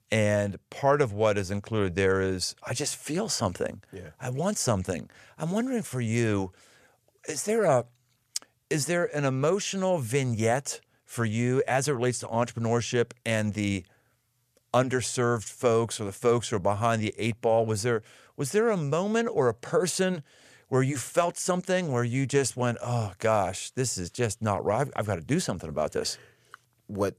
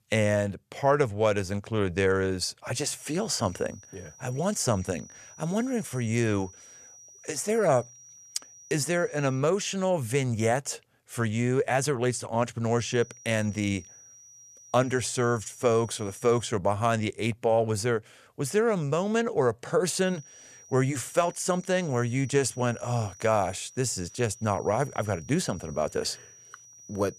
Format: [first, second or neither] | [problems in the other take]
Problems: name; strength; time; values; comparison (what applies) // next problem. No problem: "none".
first | high-pitched whine; faint; from 3 to 9.5 s, from 13 to 16 s and from 20 s on; 6 kHz, 20 dB below the speech